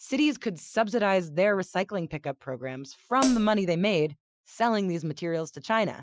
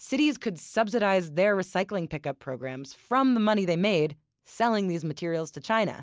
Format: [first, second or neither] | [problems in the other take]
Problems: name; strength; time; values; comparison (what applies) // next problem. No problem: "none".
second | noise reduction (classical method Wiener filter)